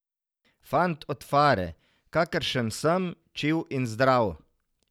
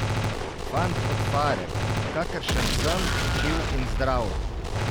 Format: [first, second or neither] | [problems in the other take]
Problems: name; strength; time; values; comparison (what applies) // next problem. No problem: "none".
first | background sound (Gunshot, gunfire); 5 dB above the speech